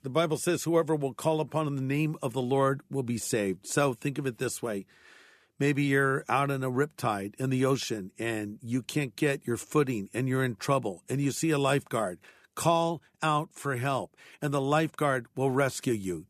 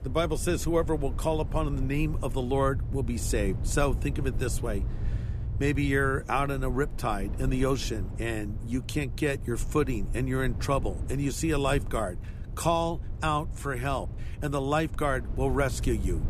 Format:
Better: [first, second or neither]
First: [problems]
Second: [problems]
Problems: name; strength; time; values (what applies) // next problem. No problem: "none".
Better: first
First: none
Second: low rumble; noticeable; throughout; 20 dB below the speech